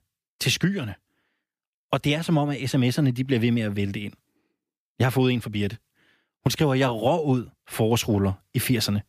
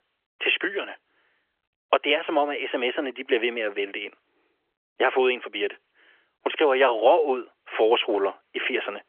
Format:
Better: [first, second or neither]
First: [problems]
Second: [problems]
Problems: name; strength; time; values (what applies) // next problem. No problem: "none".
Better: first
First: none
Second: phone-call audio; nothing above 3.5 kHz